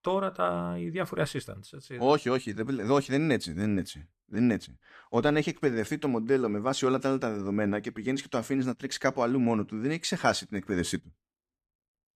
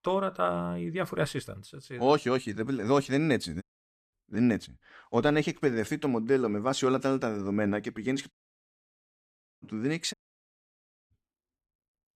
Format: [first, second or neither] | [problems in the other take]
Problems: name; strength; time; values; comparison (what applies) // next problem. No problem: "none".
first | audio cutting out; at 3.5 s, at 8.5 s for 1.5 s and at 10 s for 1 s